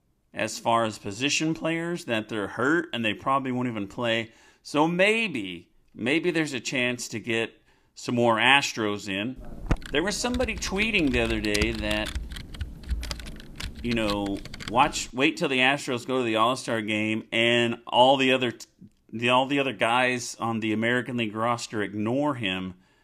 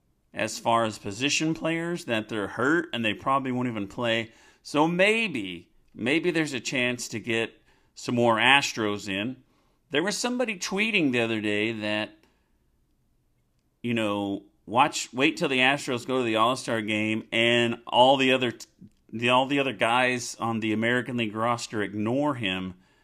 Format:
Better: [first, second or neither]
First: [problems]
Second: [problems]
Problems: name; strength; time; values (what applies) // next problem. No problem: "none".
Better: second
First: keyboard typing; noticeable; from 9.5 to 15 s; peak 5 dB below the speech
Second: none